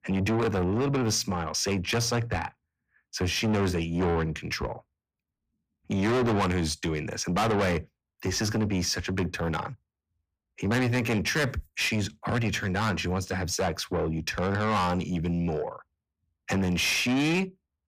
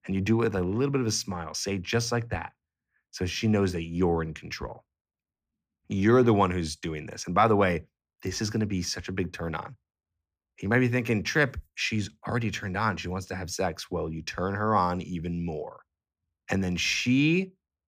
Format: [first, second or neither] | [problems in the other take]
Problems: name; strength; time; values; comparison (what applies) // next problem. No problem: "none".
second | distortion; heavy; 6 dB below the speech